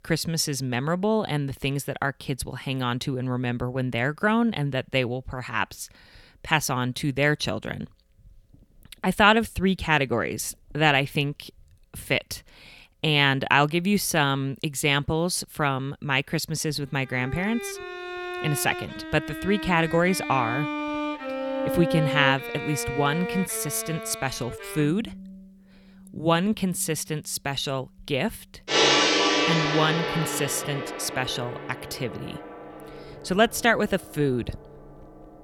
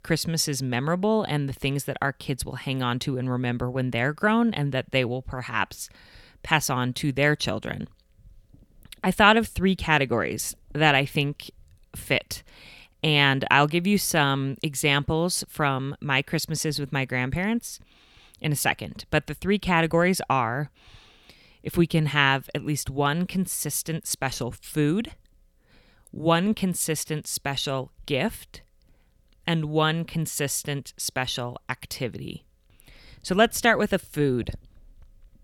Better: second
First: background music; loud; from 17 s on; 2 dB below the speech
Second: none

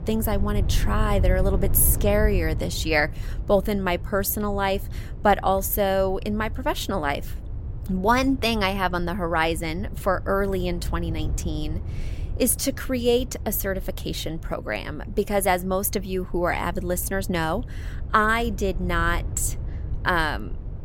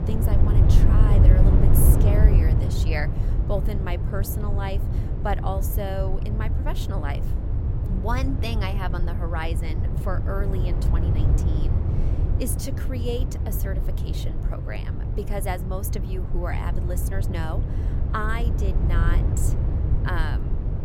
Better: first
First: wind noise on the microphone; occasional gusts; 20 dB below the speech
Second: wind noise on the microphone; heavy; 4 dB below the speech

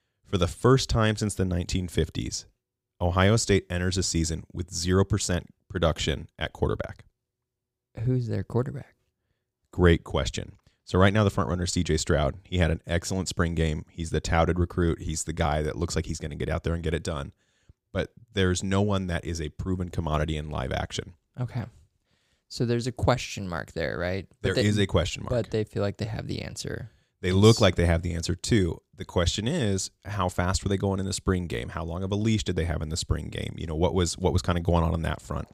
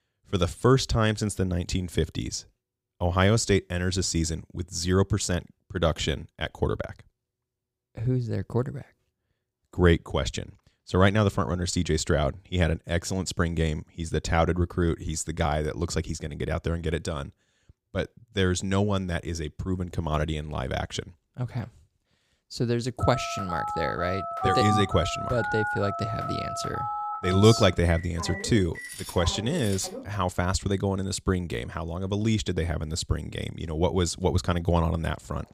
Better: first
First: none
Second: phone ringing; loud; from 23 to 30 s; peak 2 dB above the speech

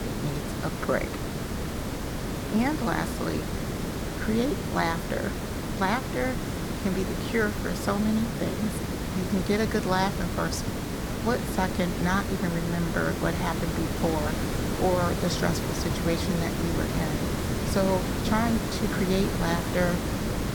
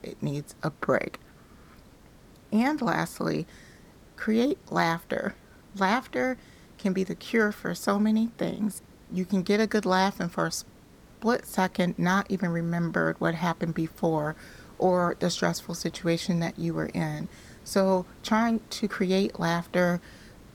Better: second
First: hiss; loud; throughout; 1 dB below the speech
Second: hiss; faint; throughout; 25 dB below the speech

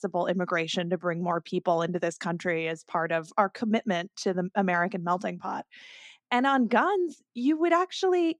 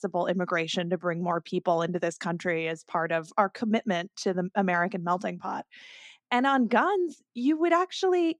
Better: neither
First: none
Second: none

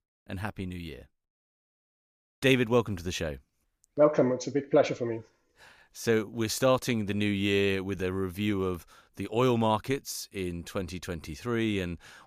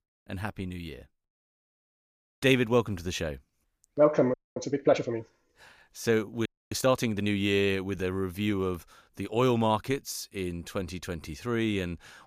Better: first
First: none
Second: audio freezing; at 4.5 s and at 6.5 s

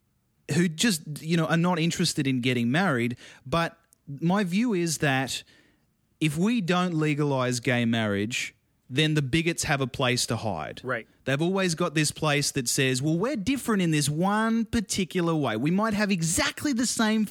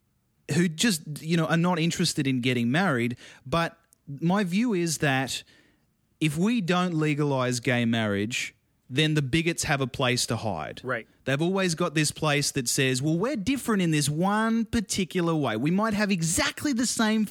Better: neither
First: none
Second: none

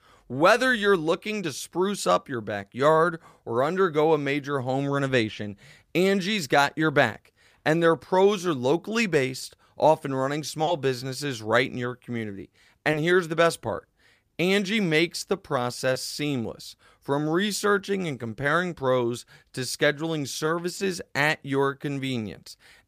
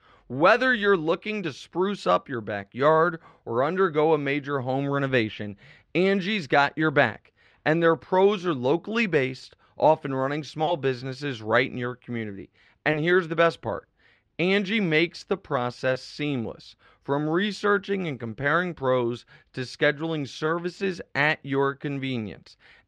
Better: first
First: none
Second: muffled; very slightly; fading above 3 kHz

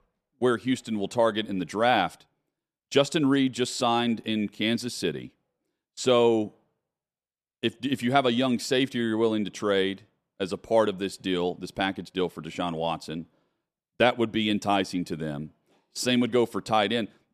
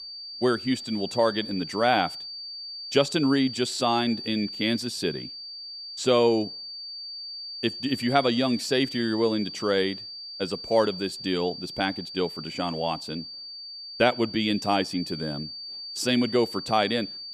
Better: first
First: none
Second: high-pitched whine; loud; throughout; 4.5 kHz, 9 dB below the speech

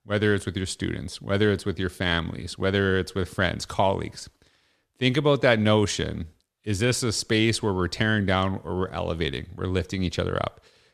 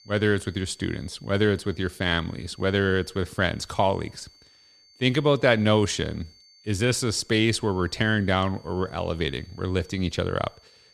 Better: first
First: none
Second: high-pitched whine; faint; throughout; 4.5 kHz, 30 dB below the speech

